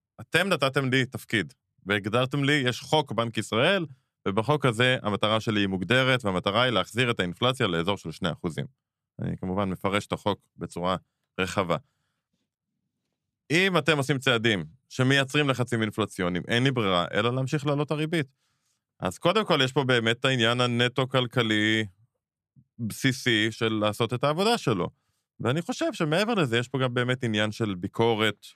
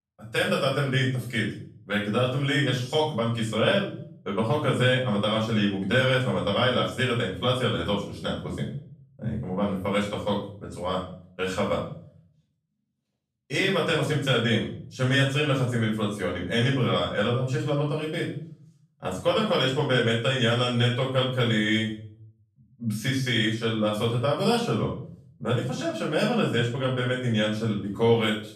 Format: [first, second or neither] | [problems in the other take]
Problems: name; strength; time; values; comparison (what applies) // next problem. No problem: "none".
first | off-mic speech; far // room echo; noticeable; dies away in 0.5 s